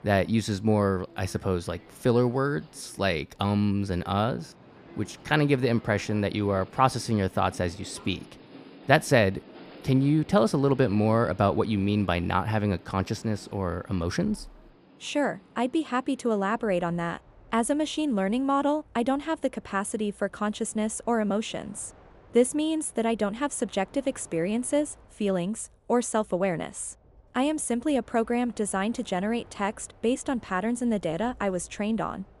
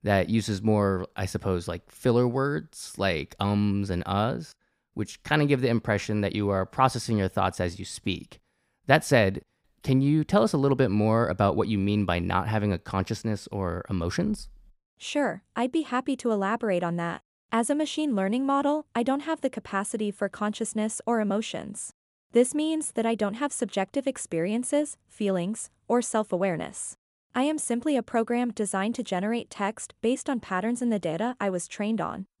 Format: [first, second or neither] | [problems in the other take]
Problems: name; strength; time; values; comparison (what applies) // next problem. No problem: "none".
second | train or aircraft noise; faint; throughout; 25 dB below the speech